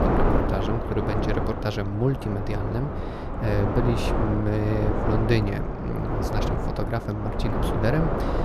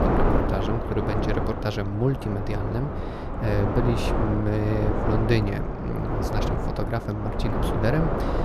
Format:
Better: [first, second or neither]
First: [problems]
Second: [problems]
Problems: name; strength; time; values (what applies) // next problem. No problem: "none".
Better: neither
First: wind noise on the microphone; heavy; 1 dB above the speech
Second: wind noise on the microphone; heavy; 1 dB above the speech